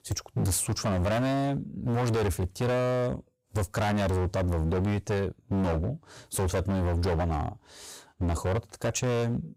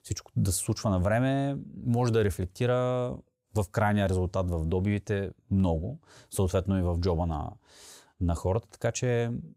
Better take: second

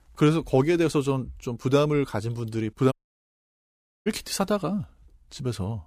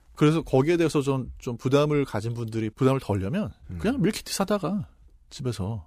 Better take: second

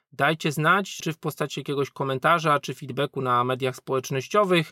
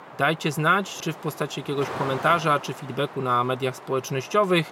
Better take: first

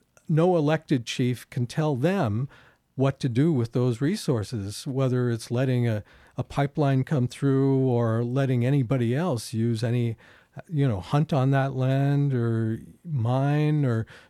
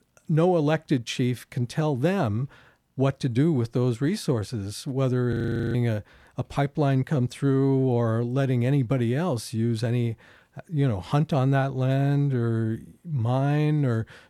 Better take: first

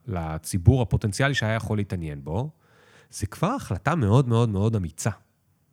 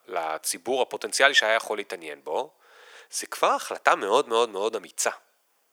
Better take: first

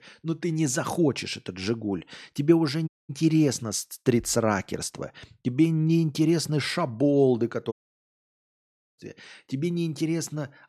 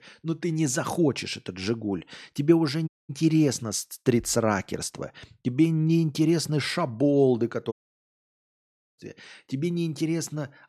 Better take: neither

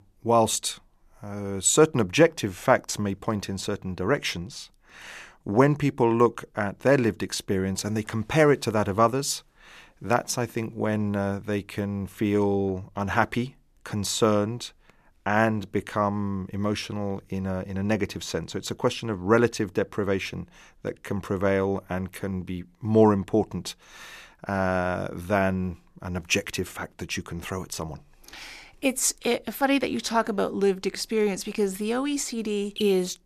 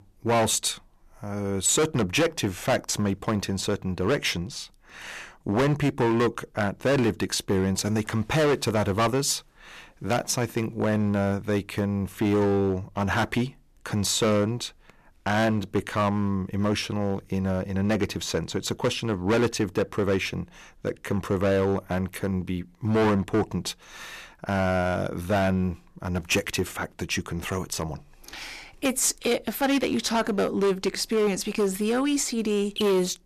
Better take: first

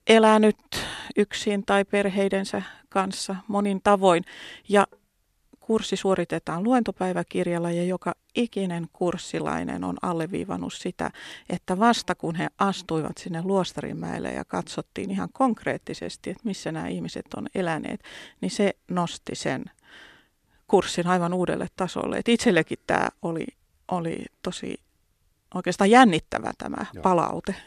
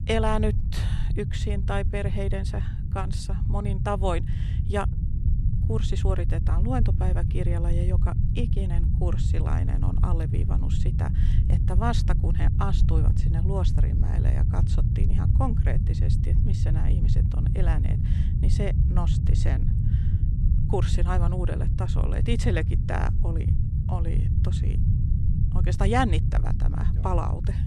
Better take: first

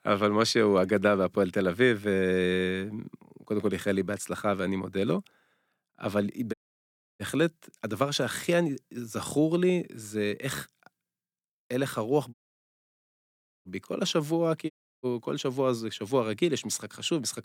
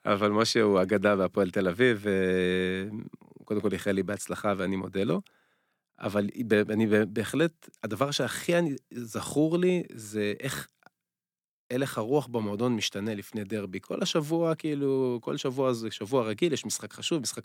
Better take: second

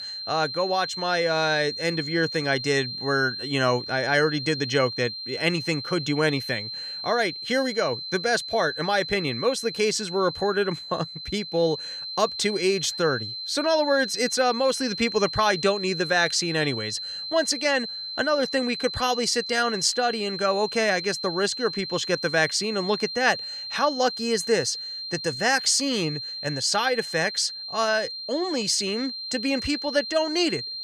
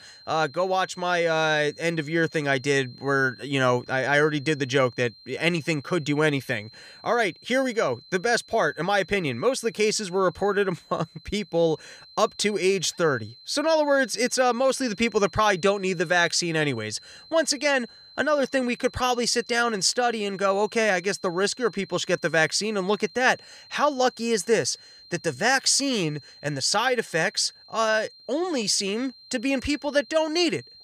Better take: second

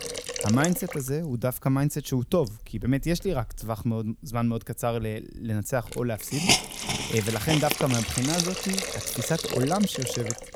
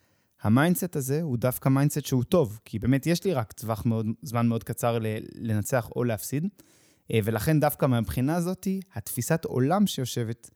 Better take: second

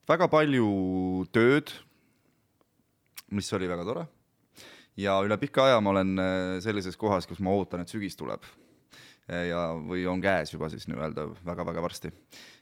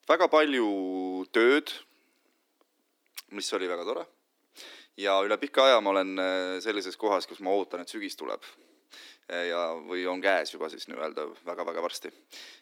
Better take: first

